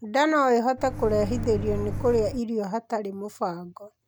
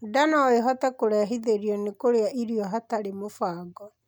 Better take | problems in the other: second | background sound (Microwave oven); 5 dB below the speech

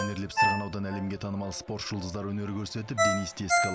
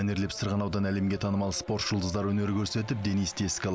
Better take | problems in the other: second | background sound (Ringtone); 2 dB above the speech

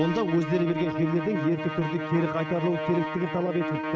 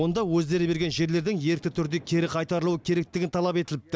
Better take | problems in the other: second | noise reduction (neural mask model RNNoise)

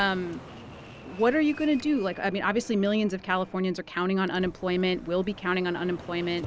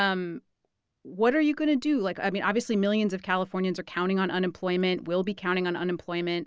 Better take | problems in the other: second | background sound (Fixed-wing aircraft, airplane + Motor vehicle (road)); 18 dB below the speech

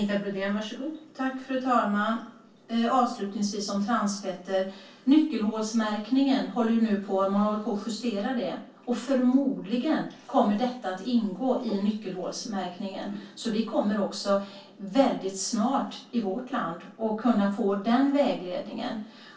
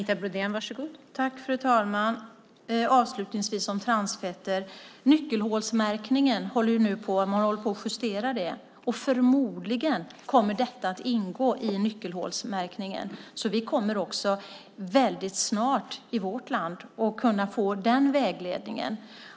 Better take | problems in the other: second | room echo; dies away in 0.3 s

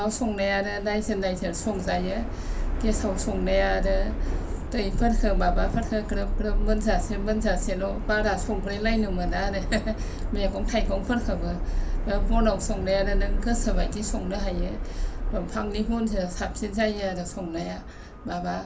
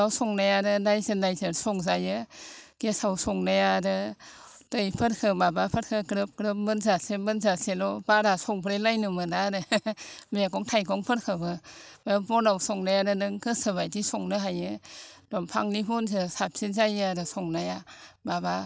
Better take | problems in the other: second | background sound (Subway, metro, underground); as loud as the speech // room echo; dies away in 0.3 s

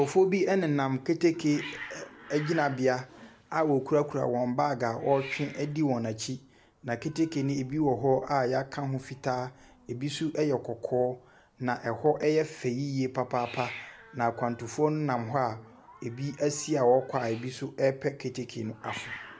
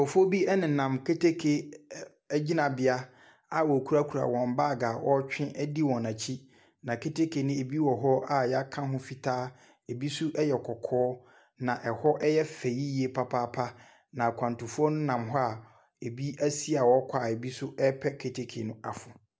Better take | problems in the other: second | background sound (Hiss); 20 dB below the speech

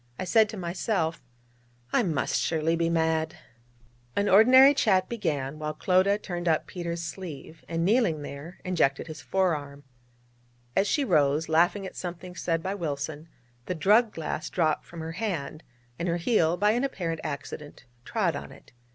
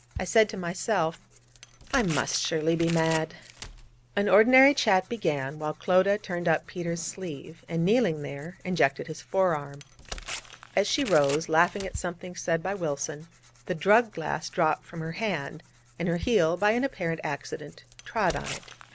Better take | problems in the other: first | background sound (Tearing + Bass drum); 17 dB below the speech

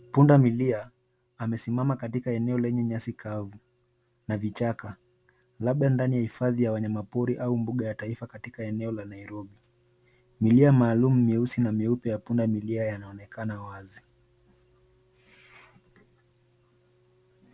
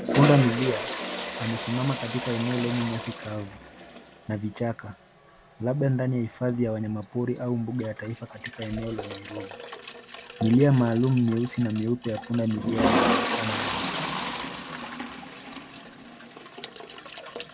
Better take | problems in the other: first | background sound (Toilet flush); 5 dB below the speech

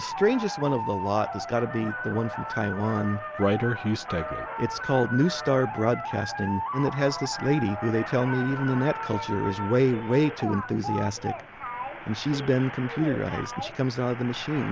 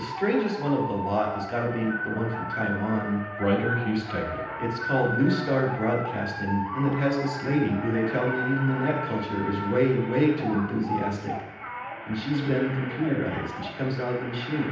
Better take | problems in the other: first | room echo; dies away in 0.9 s

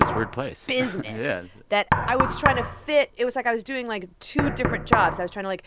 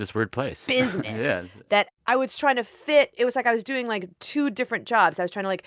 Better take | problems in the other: second | background sound (Knock); 2 dB below the speech

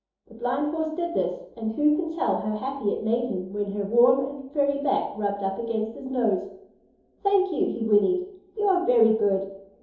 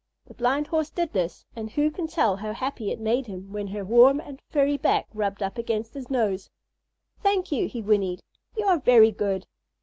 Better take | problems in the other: second | room echo; dies away in 2.8 s

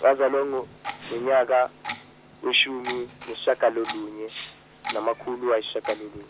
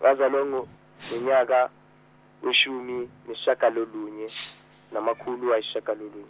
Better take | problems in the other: second | background sound (Clock); 15 dB below the speech

